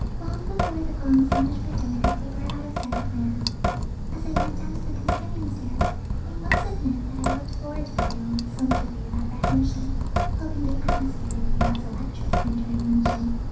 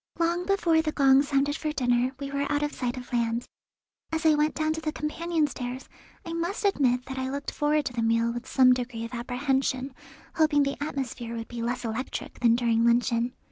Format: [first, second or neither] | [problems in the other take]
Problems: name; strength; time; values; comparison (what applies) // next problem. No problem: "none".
second | background sound (Drip / Sink (filling or washing)); 5 dB above the speech // room echo; dies away in 0.6 s